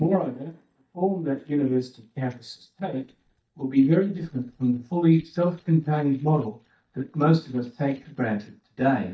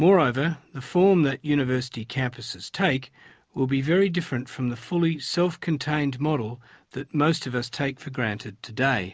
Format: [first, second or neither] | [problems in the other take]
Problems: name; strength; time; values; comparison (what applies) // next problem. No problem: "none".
second | noise reduction (neural mask model DeepFilterNet 3)